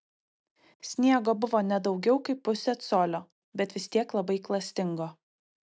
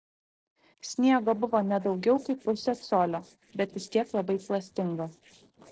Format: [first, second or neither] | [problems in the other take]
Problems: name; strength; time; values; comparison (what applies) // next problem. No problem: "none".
first | noise reduction (neural separator model SepFormer DNS4)